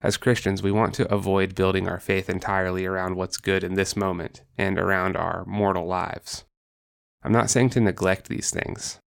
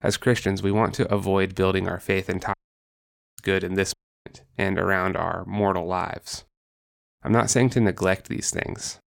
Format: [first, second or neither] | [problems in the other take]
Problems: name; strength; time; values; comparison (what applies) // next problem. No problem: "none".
first | audio cutting out; at 2.5 s for 1 s and at 4 s